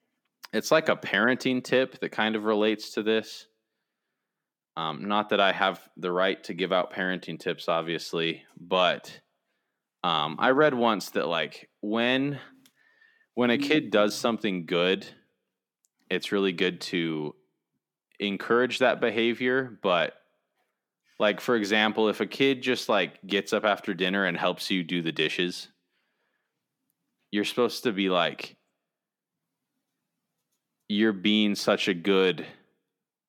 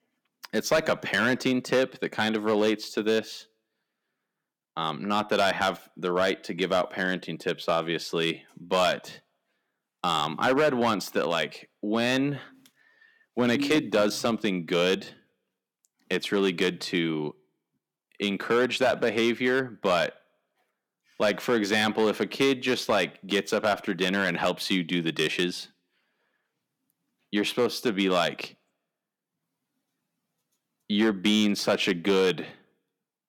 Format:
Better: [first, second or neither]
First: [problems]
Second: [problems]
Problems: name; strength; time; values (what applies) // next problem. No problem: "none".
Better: first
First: none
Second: distortion; slight; 3% of the sound clipped